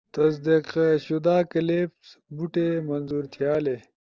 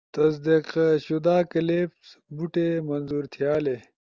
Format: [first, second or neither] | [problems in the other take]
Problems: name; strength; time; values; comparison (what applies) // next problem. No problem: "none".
second | noise reduction (neural separator model SepFormer DNS4)